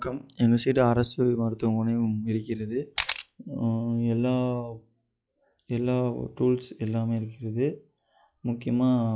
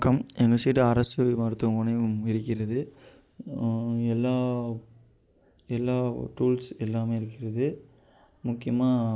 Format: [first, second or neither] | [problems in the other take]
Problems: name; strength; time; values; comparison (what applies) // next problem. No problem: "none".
second | noise reduction (classical method log-MMSE)